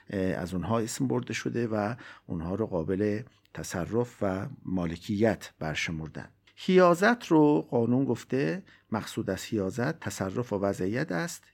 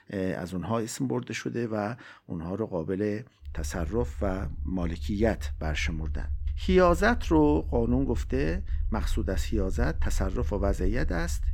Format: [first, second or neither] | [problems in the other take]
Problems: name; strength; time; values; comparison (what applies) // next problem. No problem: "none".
first | low rumble; faint; from 3.5 s on; 25 dB below the speech